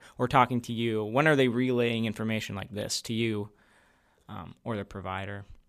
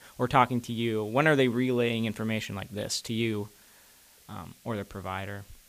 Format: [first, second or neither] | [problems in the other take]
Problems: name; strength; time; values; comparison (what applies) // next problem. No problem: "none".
first | hiss; faint; throughout; 25 dB below the speech